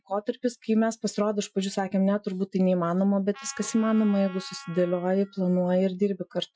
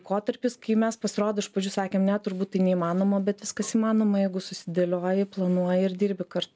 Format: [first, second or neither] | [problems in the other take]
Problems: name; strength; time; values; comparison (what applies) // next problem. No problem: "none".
second | noise reduction (classical method Wiener filter)